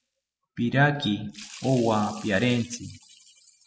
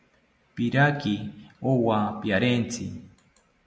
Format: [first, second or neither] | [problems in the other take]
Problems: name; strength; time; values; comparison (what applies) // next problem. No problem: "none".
second | noise reduction (classical method spectral subtraction)